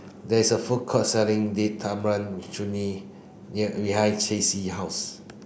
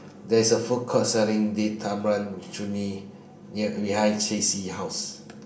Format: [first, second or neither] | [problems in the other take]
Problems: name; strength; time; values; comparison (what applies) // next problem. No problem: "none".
first | room echo; dies away in 0.4 s